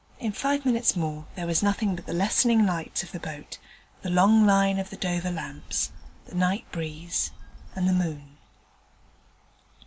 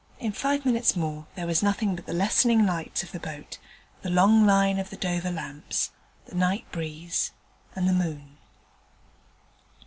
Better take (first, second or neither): second